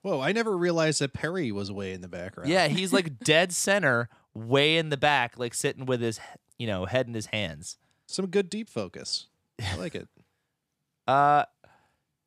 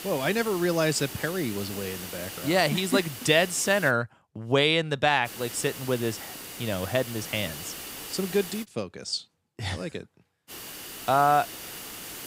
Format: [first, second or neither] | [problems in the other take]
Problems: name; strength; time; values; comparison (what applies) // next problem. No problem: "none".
first | hiss; noticeable; until 4 s, from 5.5 to 8.5 s and from 10 s on; 10 dB below the speech